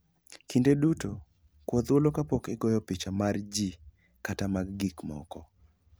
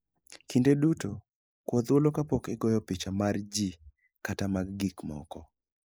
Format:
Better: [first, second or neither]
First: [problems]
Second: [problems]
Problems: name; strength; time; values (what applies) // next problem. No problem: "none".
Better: first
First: none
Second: noise reduction (neural mask model Resemble Enhance denoiser)